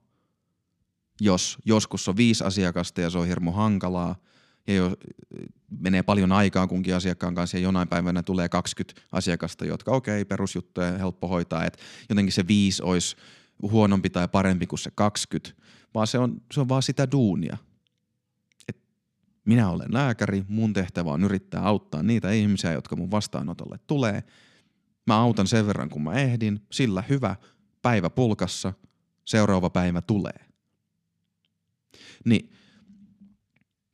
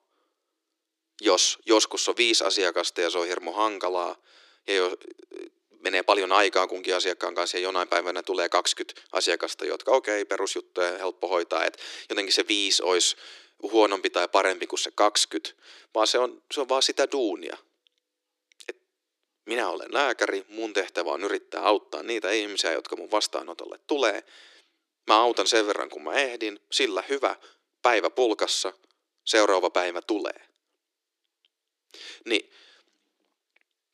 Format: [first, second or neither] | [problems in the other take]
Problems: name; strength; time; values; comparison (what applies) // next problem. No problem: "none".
first | thin; very; fading below 300 Hz